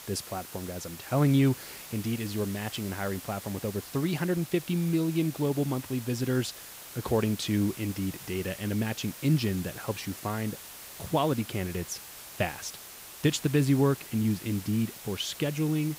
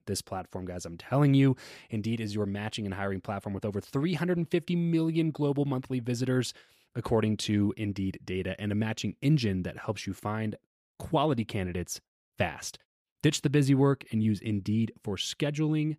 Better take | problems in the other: second | hiss; noticeable; throughout; 10 dB below the speech

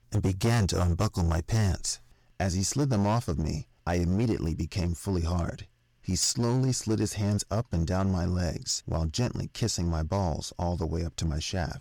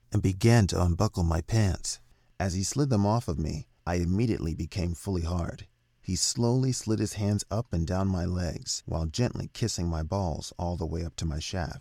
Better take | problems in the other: second | distortion; slight; 7% of the sound clipped

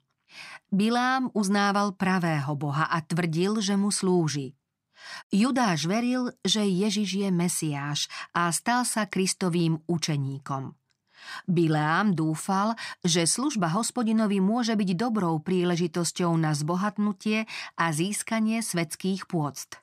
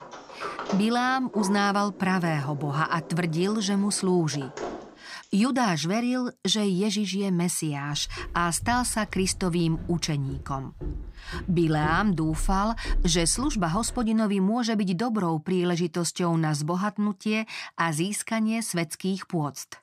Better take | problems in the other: first | door banging; noticeable; until 5 s; peak 7 dB below the speech // footsteps; noticeable; from 8 to 14 s; peak 7 dB below the speech

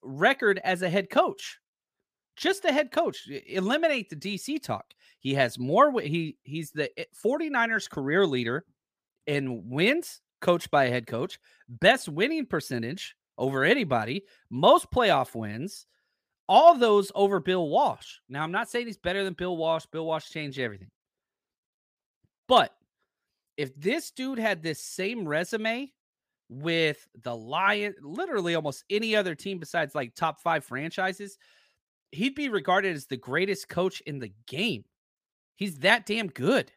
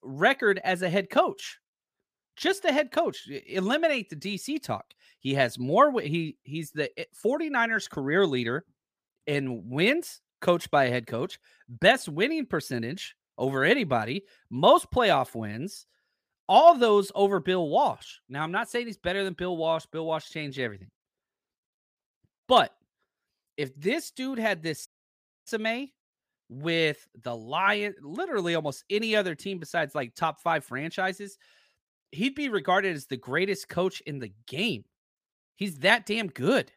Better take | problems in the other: first | audio cutting out; at 25 s for 0.5 s

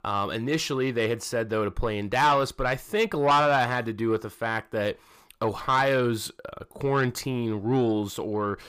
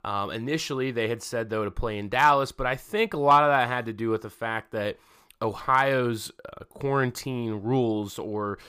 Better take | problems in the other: second | distortion; slight; 10 dB below the speech

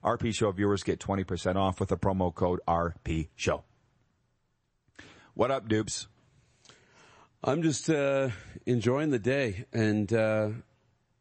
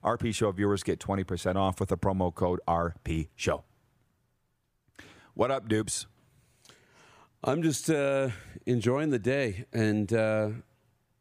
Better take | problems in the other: second | garbled, watery; slightly; nothing above 8 kHz

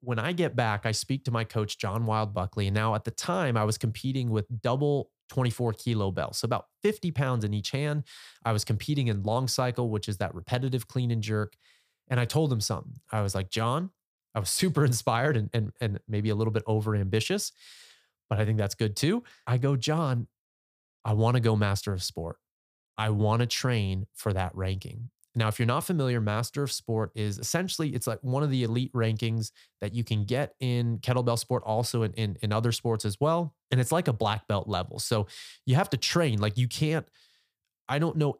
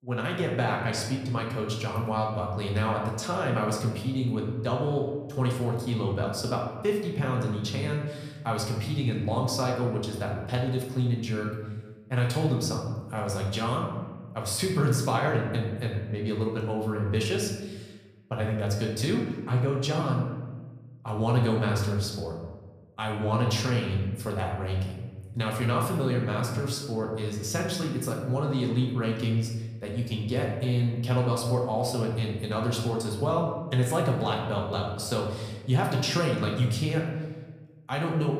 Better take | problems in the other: first | room echo; noticeable; dies away in 1.1 s // off-mic speech; somewhat distant

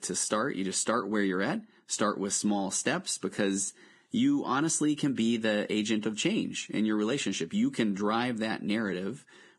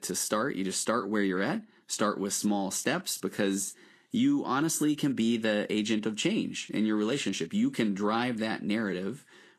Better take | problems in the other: second | garbled, watery; badly; slightly in the second

